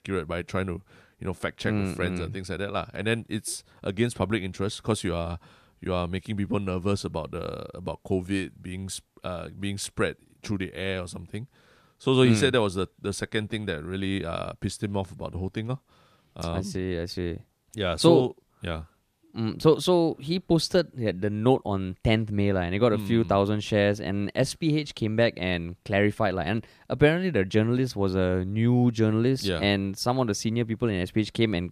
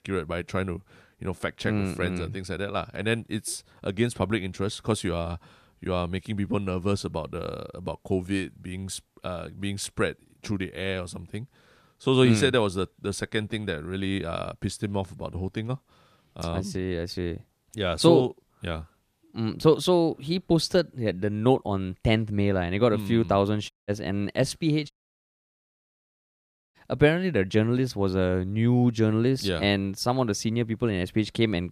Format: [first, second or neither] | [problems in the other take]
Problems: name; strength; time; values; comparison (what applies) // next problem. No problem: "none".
first | audio cutting out; at 24 s and at 25 s for 2 s